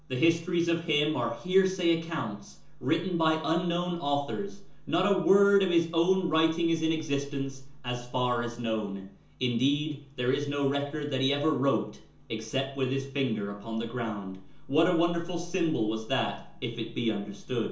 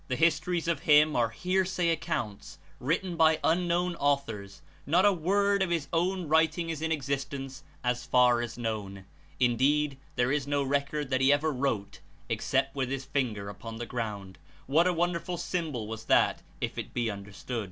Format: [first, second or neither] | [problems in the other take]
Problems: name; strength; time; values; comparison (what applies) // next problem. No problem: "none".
second | room echo; dies away in 0.6 s